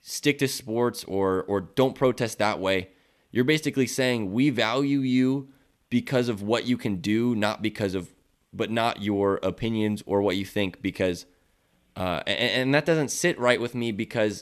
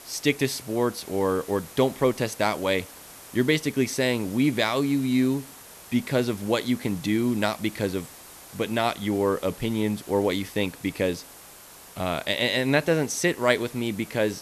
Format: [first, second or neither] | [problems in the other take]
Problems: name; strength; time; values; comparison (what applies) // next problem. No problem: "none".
first | hiss; noticeable; throughout; 20 dB below the speech